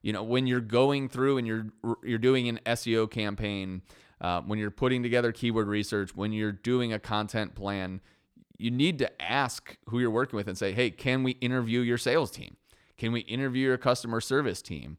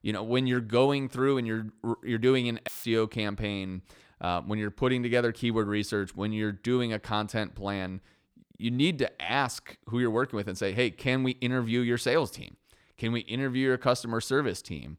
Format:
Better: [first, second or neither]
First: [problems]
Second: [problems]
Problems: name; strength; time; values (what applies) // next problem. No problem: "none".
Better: first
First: none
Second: audio cutting out; filled with static; at 2.5 s